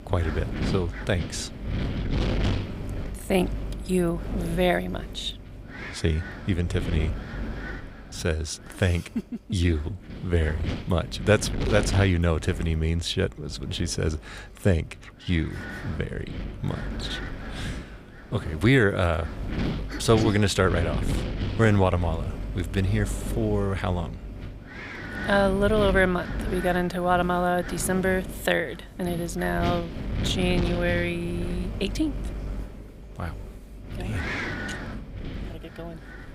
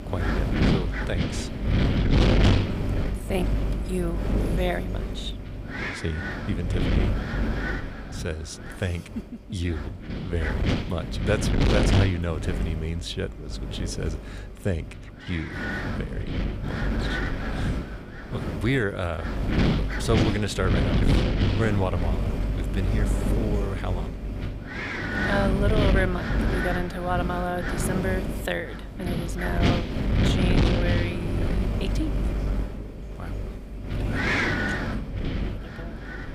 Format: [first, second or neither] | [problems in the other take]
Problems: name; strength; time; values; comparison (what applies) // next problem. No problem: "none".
first | wind noise on the microphone; heavy; 1 dB above the speech; occasional gusts in the first